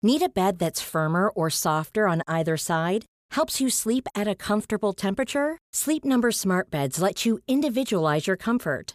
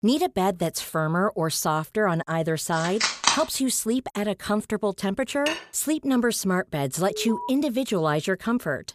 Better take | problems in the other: first | phone ringing; loud; at 3 s; peak 4 dB above the speech // clattering dishes; noticeable; at 5.5 s; peak 5 dB below the speech // alarm; noticeable; at 7 s; peak 8 dB below the speech

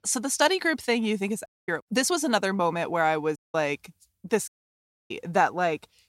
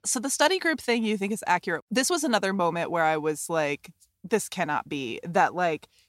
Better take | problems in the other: second | audio cutting out; at 1.5 s, at 3.5 s and at 4.5 s for 0.5 s

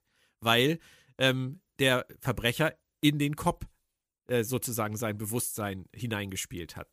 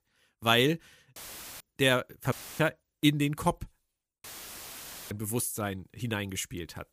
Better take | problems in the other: first | audio cutting out; filled with static; at 1 s, at 2.5 s and at 4 s for 1 s

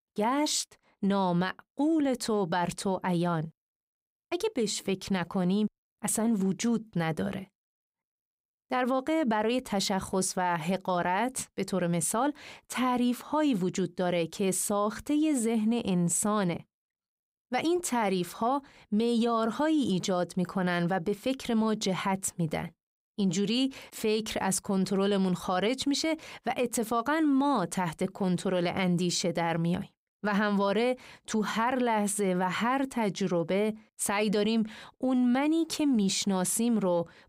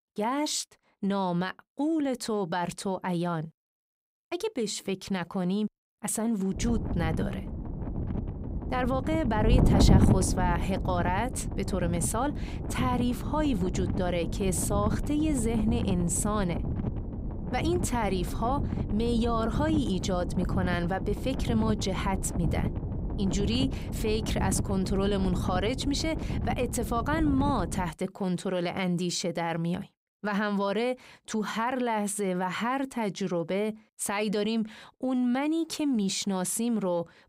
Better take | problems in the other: first | wind noise on the microphone; heavy; from 6.5 to 28 s; 8 dB below the speech

